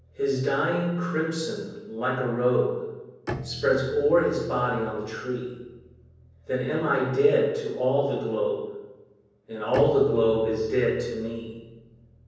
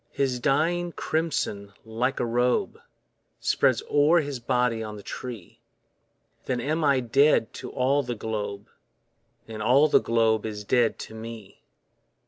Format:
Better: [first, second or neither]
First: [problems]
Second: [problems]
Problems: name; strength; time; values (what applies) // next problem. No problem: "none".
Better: second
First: background sound (Bowed string instrument); 17 dB below the speech // room echo; dies away in 1.1 s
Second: none